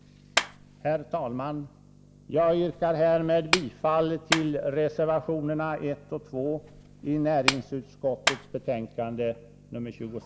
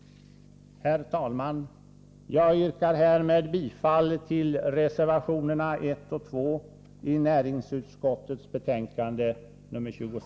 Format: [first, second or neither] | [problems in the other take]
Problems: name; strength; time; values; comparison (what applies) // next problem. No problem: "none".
second | background sound (Clapping); 7 dB below the speech